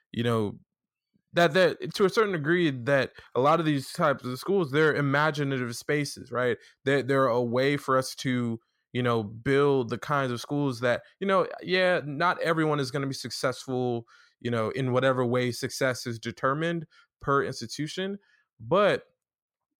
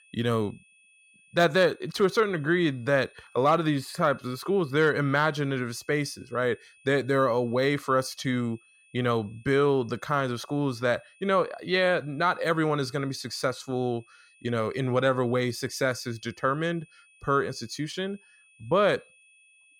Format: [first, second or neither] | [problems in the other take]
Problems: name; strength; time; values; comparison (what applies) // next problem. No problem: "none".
first | high-pitched whine; faint; throughout; 2.5 kHz, 30 dB below the speech